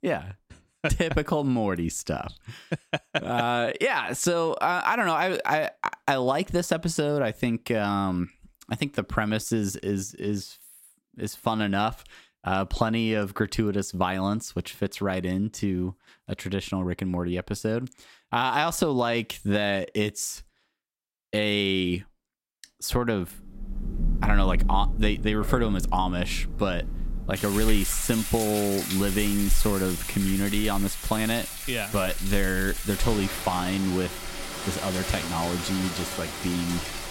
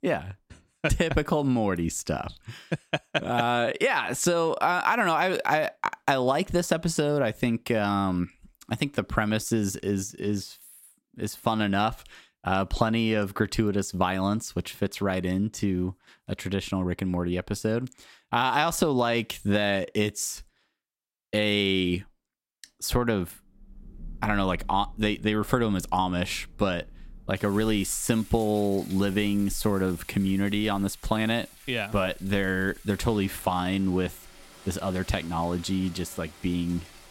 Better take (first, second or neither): second